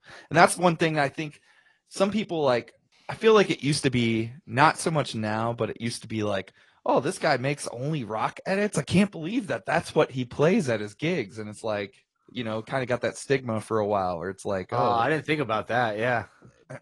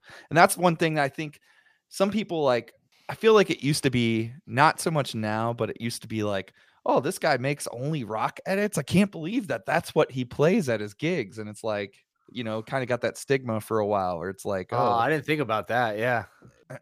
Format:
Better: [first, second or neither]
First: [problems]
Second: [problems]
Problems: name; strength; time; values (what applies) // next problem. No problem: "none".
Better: second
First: garbled, watery; slightly; nothing above 10.5 kHz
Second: none